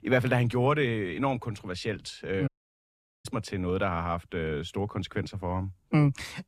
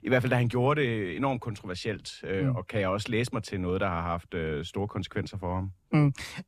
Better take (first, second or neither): second